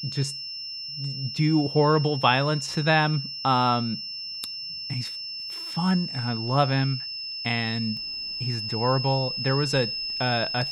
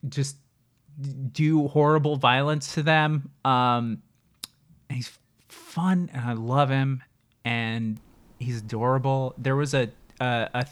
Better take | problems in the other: second | high-pitched whine; loud; throughout; 5 kHz, 5 dB below the speech

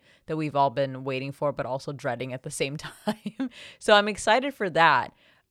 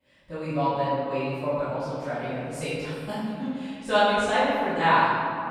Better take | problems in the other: first | off-mic speech; far // room echo; strong; dies away in 2.3 s

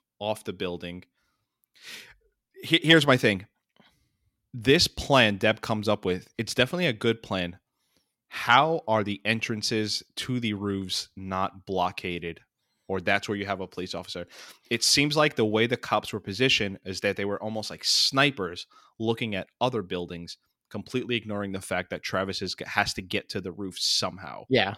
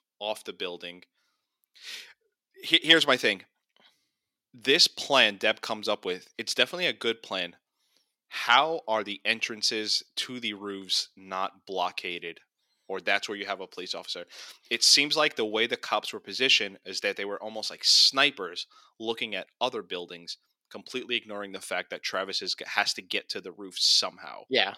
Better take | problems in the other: first | thin; somewhat; fading below 350 Hz

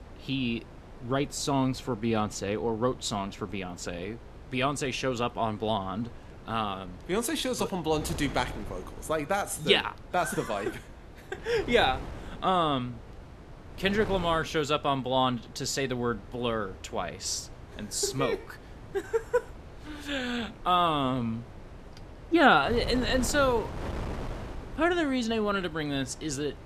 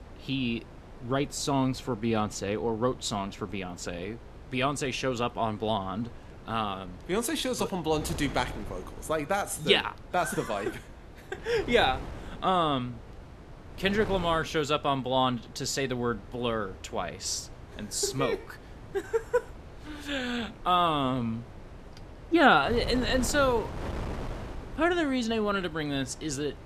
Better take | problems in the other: neither | wind noise on the microphone; occasional gusts; 20 dB below the speech; the same in both

